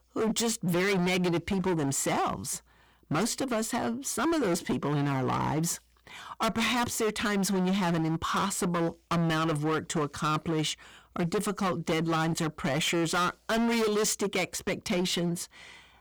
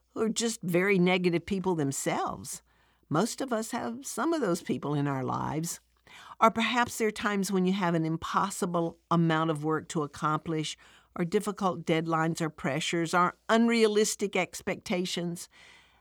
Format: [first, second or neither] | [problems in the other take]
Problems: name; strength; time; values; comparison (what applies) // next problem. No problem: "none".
second | distortion; heavy; 22% of the sound clipped